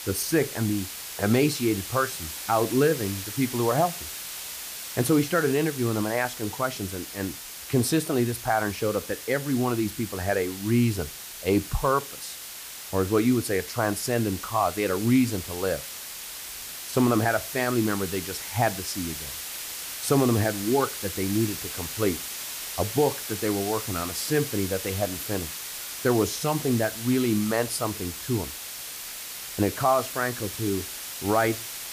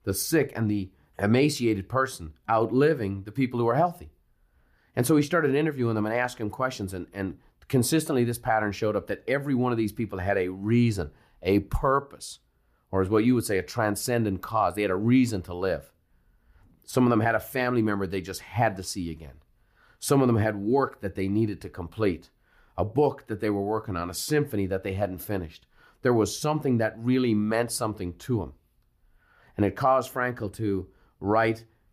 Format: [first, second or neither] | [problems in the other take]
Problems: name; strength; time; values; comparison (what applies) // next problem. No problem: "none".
second | hiss; loud; throughout; 8 dB below the speech